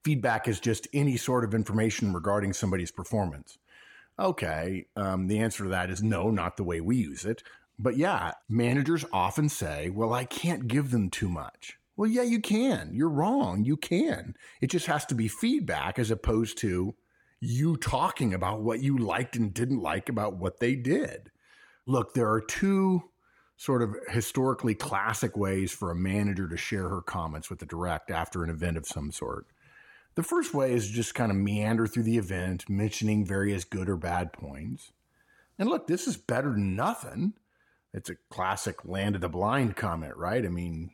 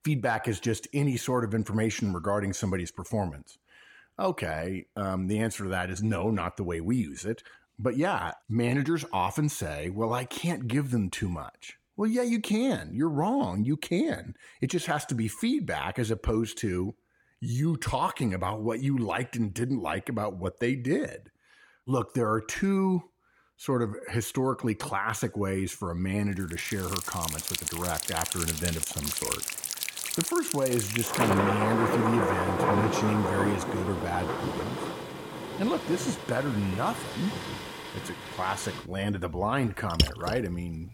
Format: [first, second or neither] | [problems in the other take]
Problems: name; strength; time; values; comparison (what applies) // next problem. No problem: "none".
first | rain or running water; loud; from 27 s on; 1 dB below the speech